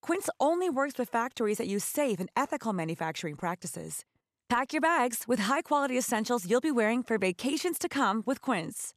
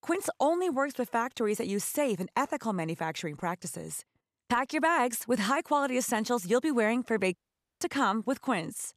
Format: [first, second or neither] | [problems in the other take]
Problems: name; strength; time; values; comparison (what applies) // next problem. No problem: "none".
first | audio cutting out; at 7.5 s